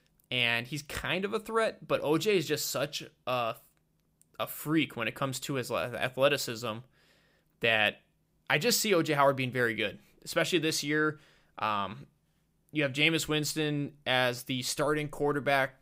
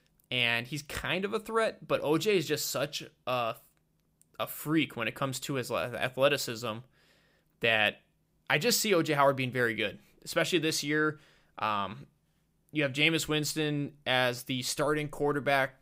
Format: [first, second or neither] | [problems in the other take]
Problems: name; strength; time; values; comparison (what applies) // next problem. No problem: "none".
neither | none